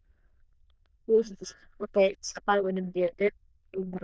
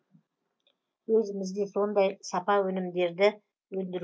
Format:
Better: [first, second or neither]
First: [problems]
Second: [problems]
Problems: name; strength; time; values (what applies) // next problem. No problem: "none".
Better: second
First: noise reduction (neural diffusion model UNIVERSE++)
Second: none